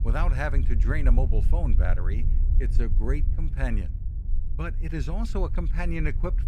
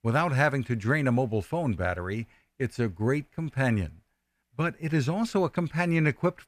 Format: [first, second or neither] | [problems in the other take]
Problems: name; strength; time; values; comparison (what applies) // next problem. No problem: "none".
second | low rumble; noticeable; throughout; 10 dB below the speech